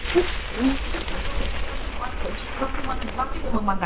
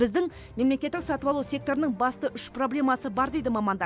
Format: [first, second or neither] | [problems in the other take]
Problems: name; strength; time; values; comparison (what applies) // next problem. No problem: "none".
second | noise reduction (neural separator model SepFormer WHAMR!)